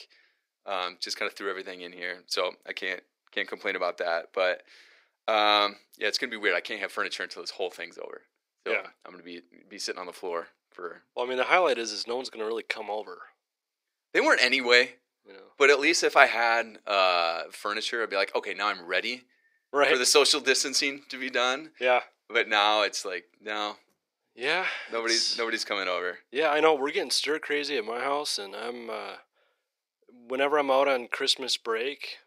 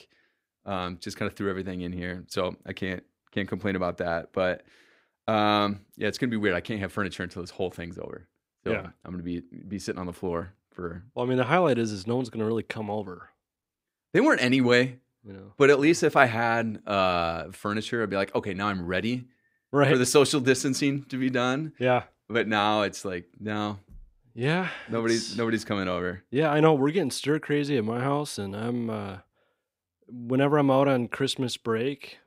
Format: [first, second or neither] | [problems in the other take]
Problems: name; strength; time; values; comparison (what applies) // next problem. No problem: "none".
second | thin; very; fading below 450 Hz